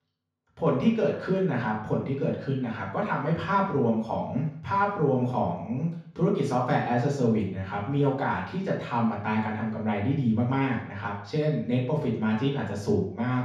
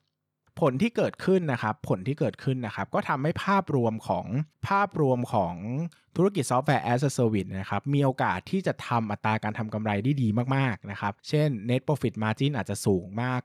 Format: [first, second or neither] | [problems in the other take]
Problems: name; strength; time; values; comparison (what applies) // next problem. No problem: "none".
second | room echo; noticeable; dies away in 0.6 s // off-mic speech; far